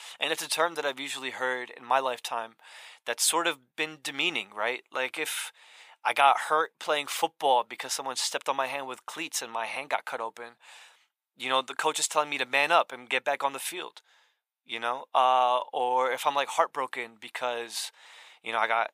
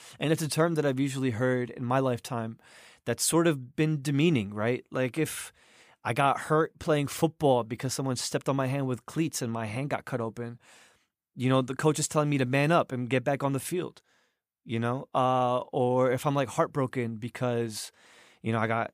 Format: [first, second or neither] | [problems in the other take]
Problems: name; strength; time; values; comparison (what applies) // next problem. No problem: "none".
second | thin; very; fading below 800 Hz